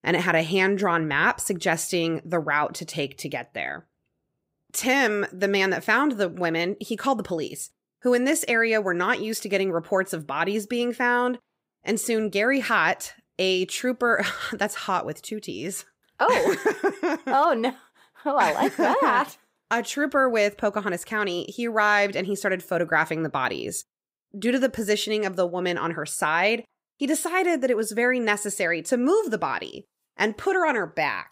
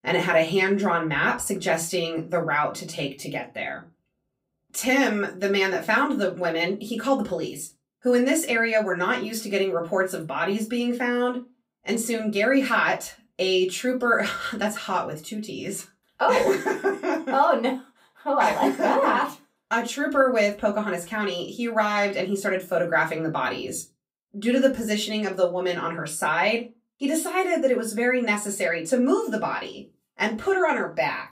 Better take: first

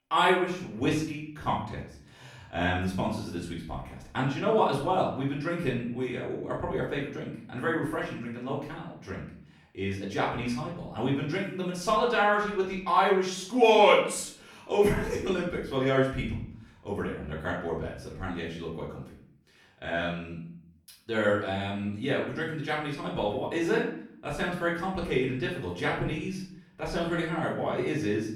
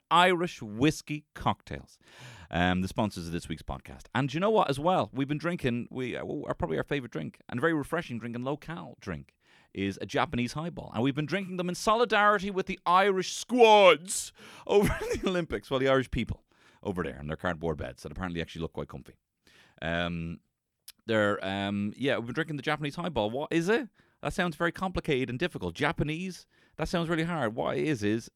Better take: second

